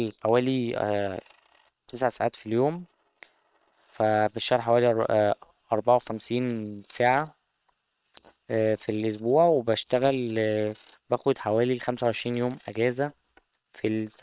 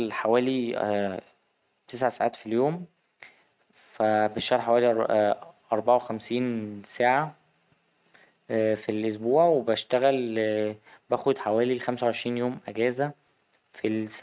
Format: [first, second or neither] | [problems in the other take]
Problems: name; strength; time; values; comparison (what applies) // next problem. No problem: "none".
second | noise reduction (neural separator model SepFormer WHAM!)